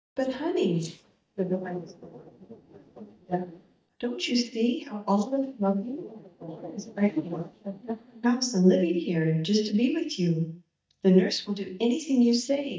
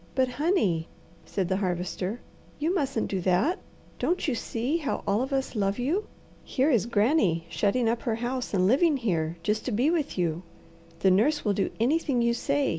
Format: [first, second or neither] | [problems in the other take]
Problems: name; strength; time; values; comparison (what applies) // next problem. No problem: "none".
second | noise reduction (neural mask model DeepFilterNet 3)